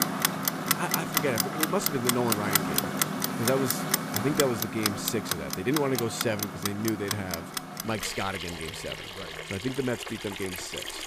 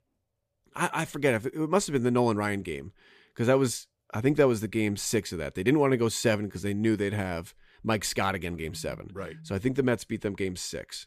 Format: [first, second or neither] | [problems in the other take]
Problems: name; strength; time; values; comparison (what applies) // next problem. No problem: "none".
second | household noises; very loud; throughout; 2 dB above the speech